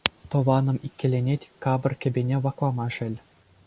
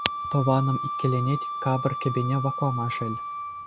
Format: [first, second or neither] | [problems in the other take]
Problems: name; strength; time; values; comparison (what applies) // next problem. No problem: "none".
first | background sound (Wind instrument, woodwind instrument); 5 dB below the speech